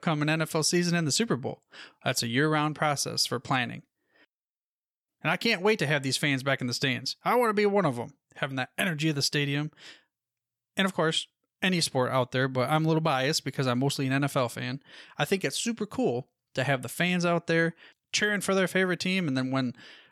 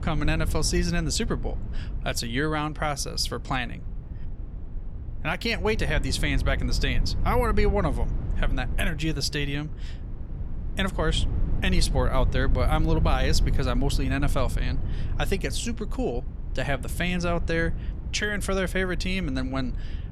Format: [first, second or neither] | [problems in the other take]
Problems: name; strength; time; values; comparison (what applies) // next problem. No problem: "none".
first | low rumble; noticeable; throughout; 15 dB below the speech